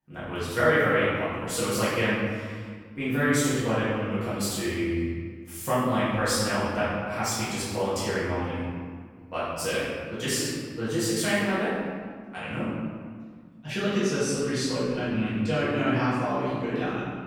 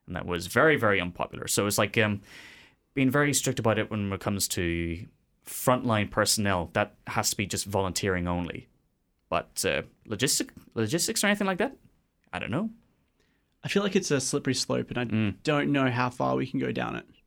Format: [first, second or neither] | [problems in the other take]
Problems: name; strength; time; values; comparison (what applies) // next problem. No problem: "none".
second | off-mic speech; far // room echo; strong; dies away in 1.6 s